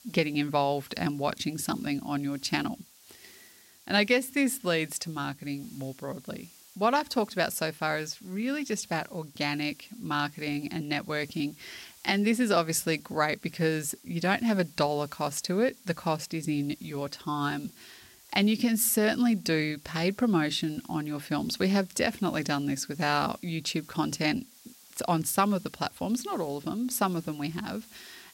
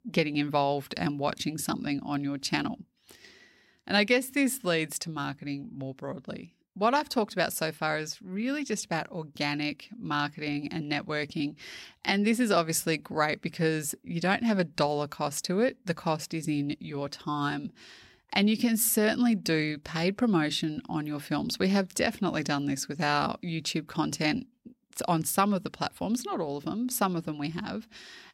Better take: second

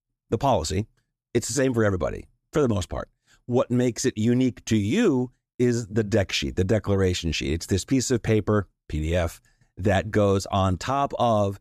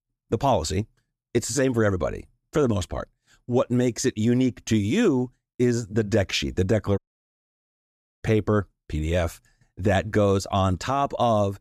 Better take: first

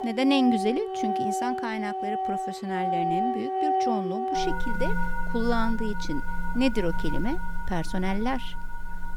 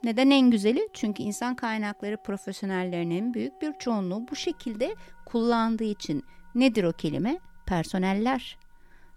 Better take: second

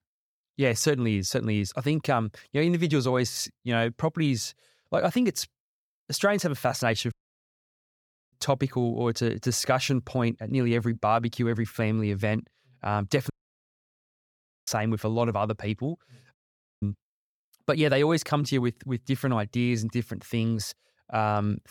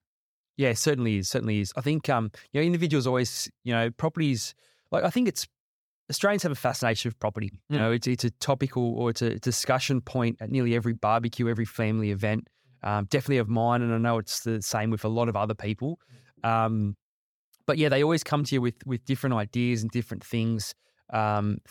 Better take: second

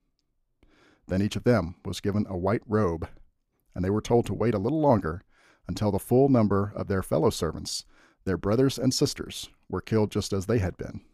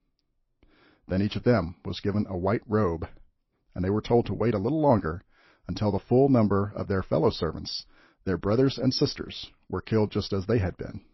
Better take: first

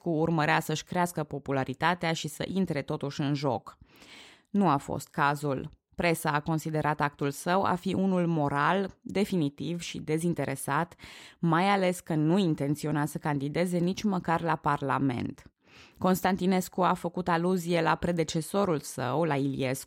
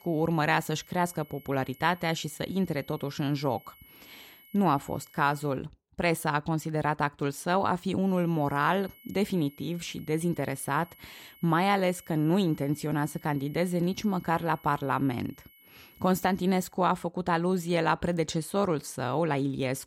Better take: first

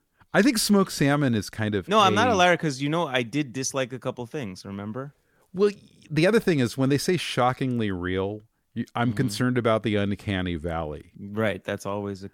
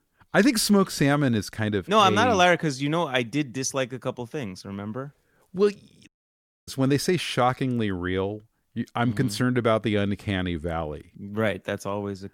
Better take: first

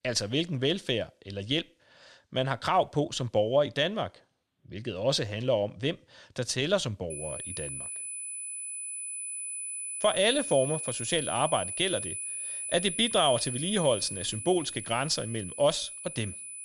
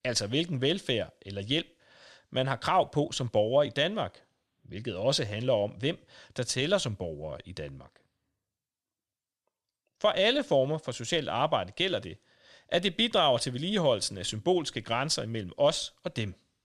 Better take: second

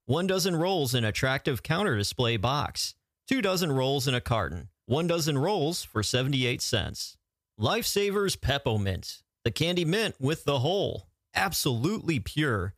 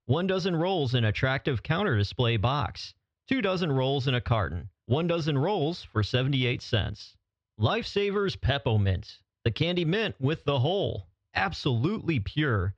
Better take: first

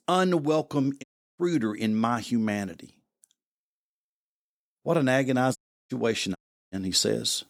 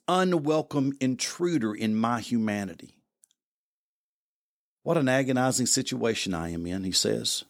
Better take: second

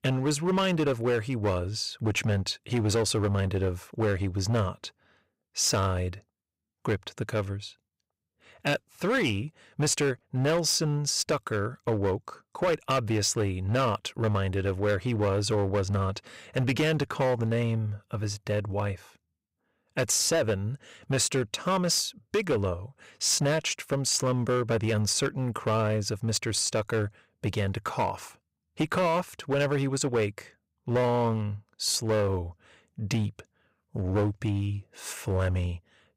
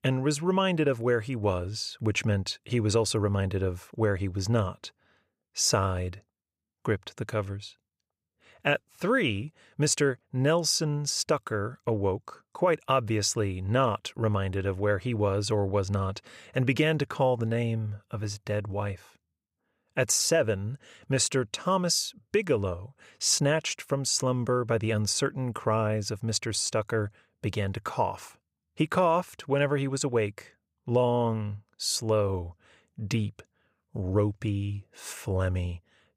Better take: second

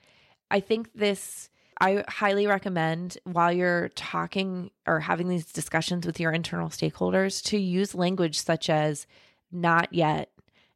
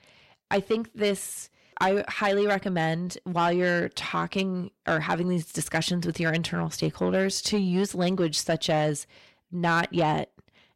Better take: first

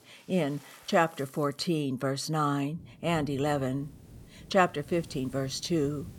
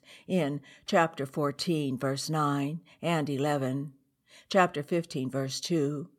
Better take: second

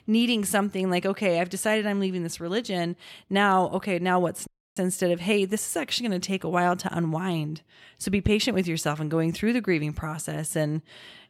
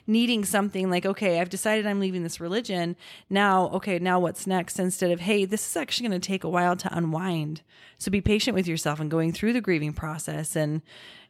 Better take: second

